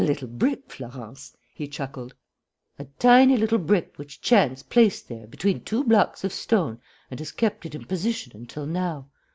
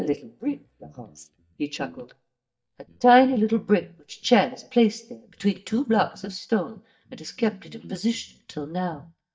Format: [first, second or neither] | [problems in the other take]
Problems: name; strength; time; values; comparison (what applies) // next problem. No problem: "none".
first | noise reduction (neural mask model DeepFilterNet 3)